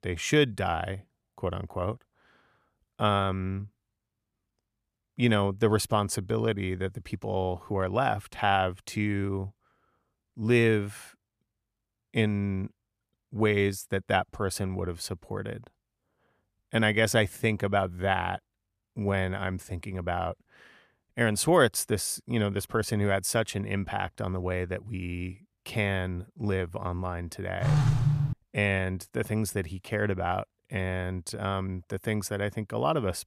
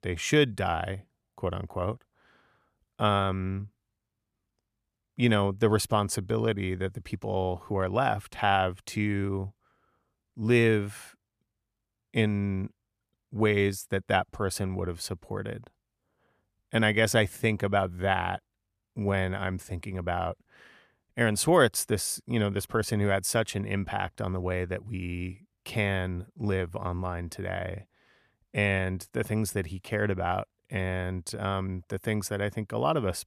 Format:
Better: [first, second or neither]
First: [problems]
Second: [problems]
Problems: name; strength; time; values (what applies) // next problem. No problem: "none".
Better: second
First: phone ringing; loud; at 28 s; peak 5 dB above the speech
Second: none